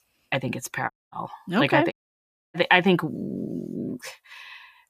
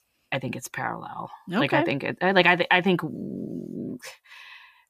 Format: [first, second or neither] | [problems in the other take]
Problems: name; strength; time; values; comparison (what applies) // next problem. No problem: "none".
second | audio cutting out; at 1 s and at 2 s for 0.5 s